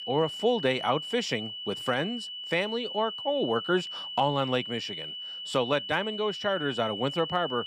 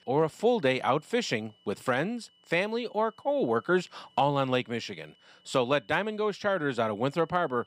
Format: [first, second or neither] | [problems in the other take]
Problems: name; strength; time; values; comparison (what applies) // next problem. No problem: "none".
second | high-pitched whine; loud; throughout; 3 kHz, 6 dB below the speech; faint in the second